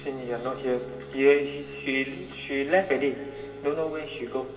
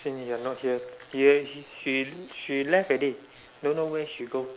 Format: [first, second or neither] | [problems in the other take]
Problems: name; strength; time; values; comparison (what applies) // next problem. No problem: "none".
second | background sound (Piano); 15 dB below the speech // room echo; dies away in 2 s